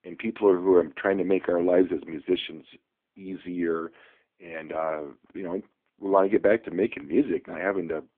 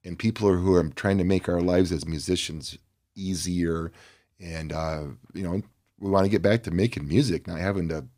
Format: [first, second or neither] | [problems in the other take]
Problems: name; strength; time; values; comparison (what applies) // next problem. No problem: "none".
second | phone-call audio; poor line; nothing above 3.5 kHz